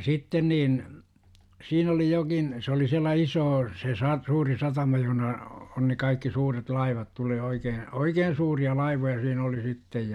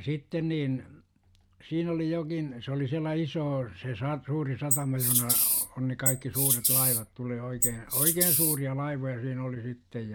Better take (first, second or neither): first